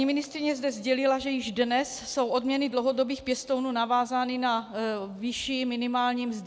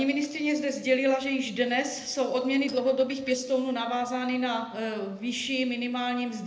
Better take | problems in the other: first | noise reduction (neural separator model SepFormer DNS4)

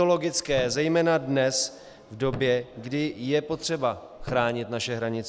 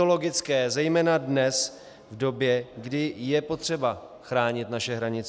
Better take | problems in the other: second | background sound (Thump, thud); 17 dB below the speech

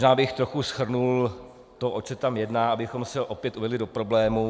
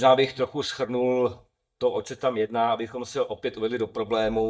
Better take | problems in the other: first | noise reduction (neural mask model DeepFilterNet 3)

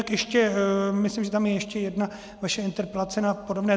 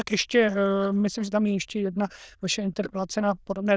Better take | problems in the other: first | noise reduction (neural diffusion model UNIVERSE++)

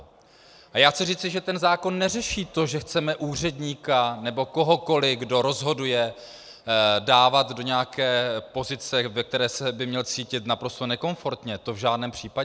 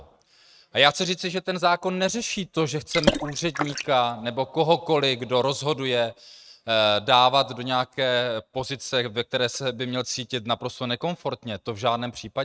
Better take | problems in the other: first | noise reduction (neural mask model RNNoise)

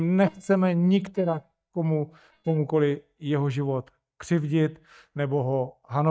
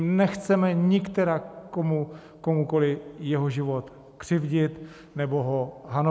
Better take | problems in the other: second | noise reduction (neural mask model DeepFilterNet 3)

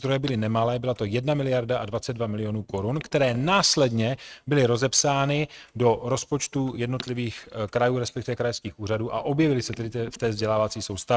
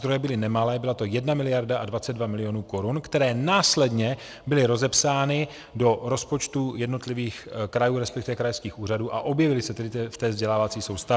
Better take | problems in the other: second | noise reduction (neural mask model RNNoise)

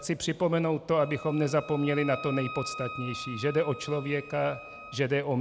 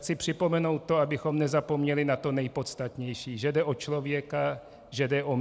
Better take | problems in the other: second | background sound (Wind instrument, woodwind instrument); 14 dB below the speech

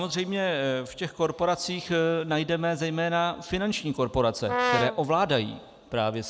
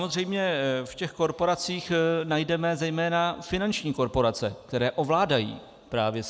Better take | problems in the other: second | background sound (Brass instrument); 1 dB below the speech

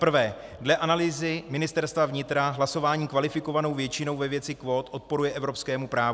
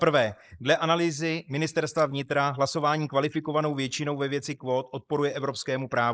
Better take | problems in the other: first | noise reduction (neural mask model Resemble Enhance denoiser)

